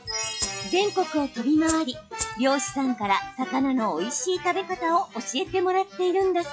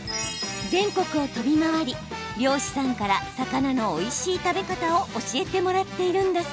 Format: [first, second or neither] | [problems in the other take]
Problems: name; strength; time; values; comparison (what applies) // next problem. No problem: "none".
second | noise reduction (classical method log-MMSE)